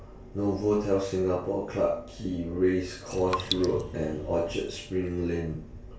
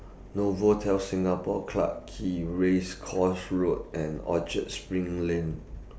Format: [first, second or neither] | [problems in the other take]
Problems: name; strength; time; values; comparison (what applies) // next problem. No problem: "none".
second | background sound (Raindrop); 8 dB below the speech // room echo; dies away in 0.2 s